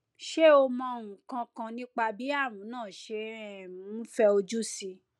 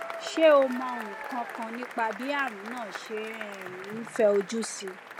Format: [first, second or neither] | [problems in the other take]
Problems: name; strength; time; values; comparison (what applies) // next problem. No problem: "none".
first | background sound (Applause / Crowd / Cheering); 11 dB below the speech